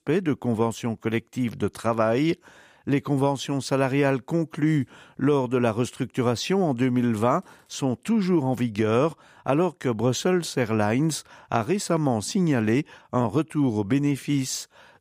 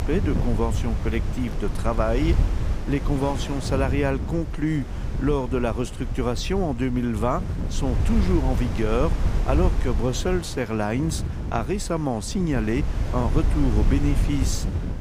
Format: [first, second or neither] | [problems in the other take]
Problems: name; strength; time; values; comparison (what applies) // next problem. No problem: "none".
first | wind noise on the microphone; heavy; 9 dB below the speech